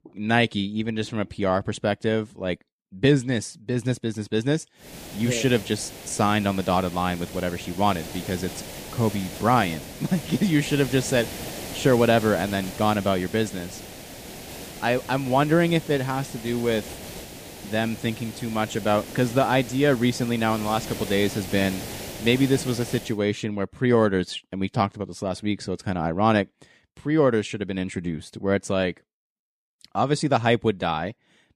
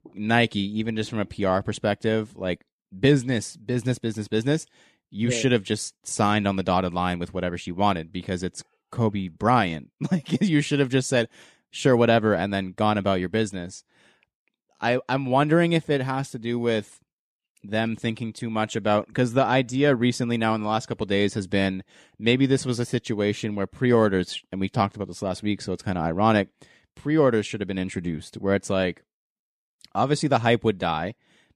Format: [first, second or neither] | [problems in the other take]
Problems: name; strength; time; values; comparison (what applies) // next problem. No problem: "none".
second | hiss; noticeable; from 5 to 23 s; 10 dB below the speech